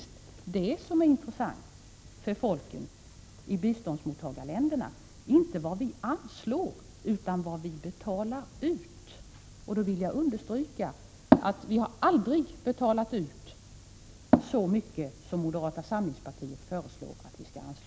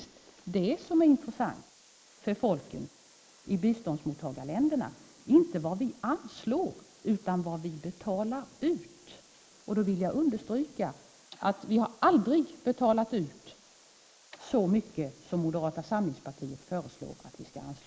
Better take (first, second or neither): first